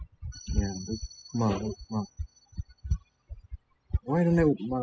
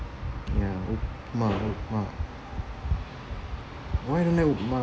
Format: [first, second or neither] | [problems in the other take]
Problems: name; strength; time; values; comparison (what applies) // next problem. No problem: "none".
second | noise reduction (classical method spectral subtraction)